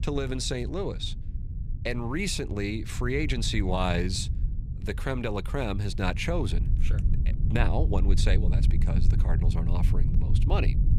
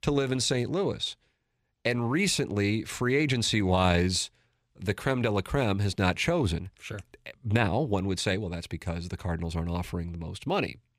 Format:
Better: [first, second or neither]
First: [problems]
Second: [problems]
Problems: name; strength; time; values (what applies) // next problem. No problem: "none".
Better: second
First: low rumble; noticeable; throughout; 10 dB below the speech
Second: none